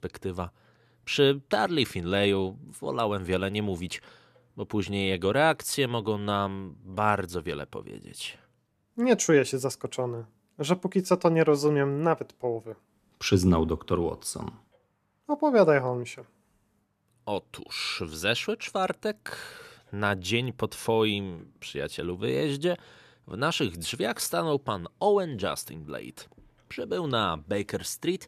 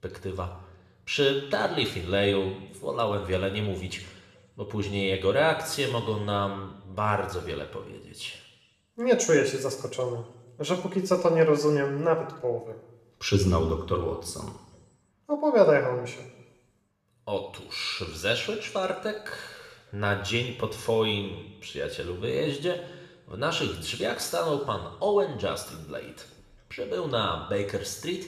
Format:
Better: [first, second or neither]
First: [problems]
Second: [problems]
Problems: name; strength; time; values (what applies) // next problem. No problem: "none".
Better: first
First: none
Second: room echo; slight; dies away in 0.9 s